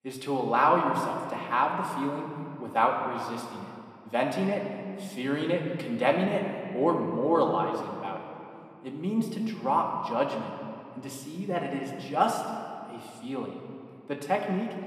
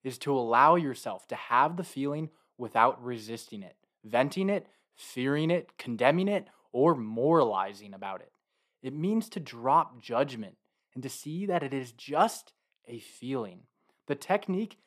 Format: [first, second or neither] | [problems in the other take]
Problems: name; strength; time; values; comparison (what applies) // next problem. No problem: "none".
second | room echo; slight; dies away in 2 s // off-mic speech; somewhat distant